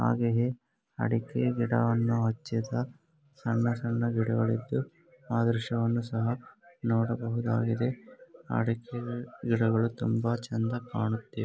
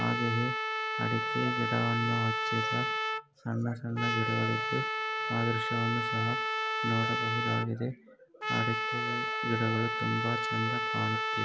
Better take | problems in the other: first | background sound (Trumpet); 1 dB above the speech

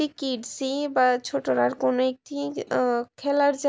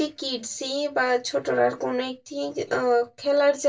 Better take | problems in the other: first | room echo; dies away in 0.1 s

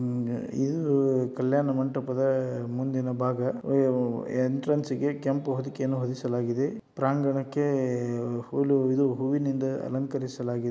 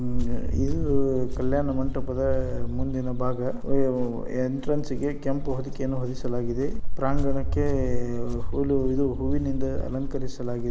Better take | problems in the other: first | background sound (Walk, footsteps); 3 dB above the speech

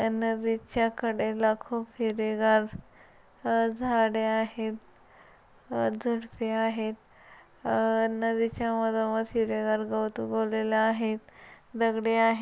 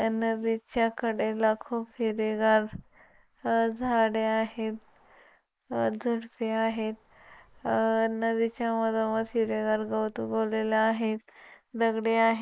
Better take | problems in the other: first | noise reduction (neural mask model Resemble Enhance denoiser)

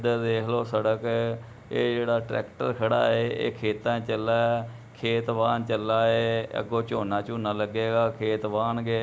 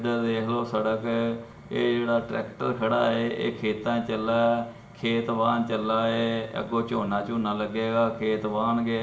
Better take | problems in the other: first | room echo; dies away in 1.5 s

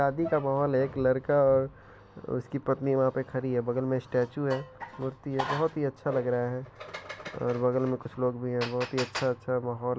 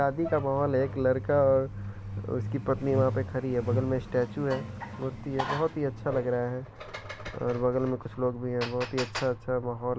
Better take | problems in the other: first | background sound (Truck); 9 dB below the speech

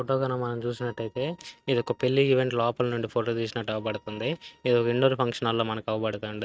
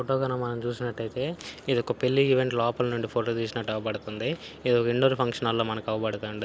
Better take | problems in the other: second | noise reduction (neural mask model RNNoise)

